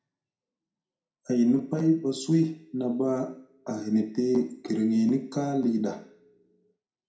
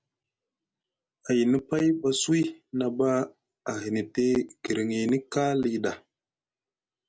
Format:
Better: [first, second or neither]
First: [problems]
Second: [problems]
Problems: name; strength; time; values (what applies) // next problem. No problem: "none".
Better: second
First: room echo; dies away in 0.5 s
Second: none